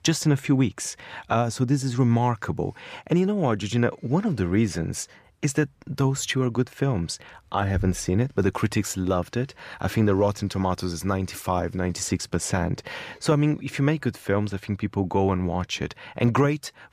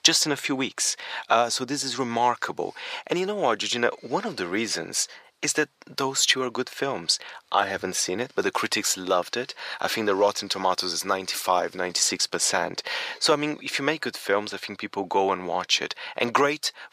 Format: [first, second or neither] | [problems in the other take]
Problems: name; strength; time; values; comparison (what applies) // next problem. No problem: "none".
first | thin; very; fading below 500 Hz